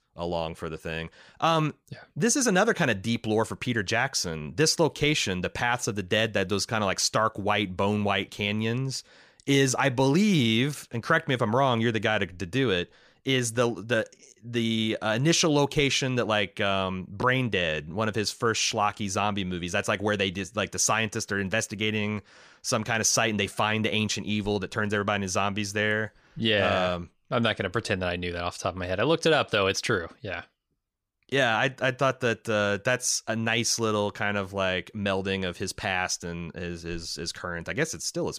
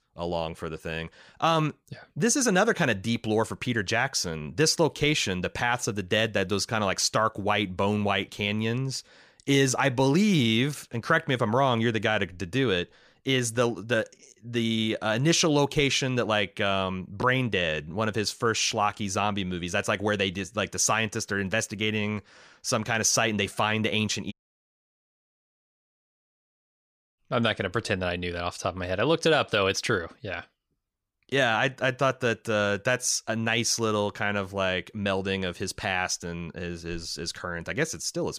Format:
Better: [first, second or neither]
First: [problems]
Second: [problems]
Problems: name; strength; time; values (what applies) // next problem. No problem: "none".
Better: first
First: none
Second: audio cutting out; at 24 s for 3 s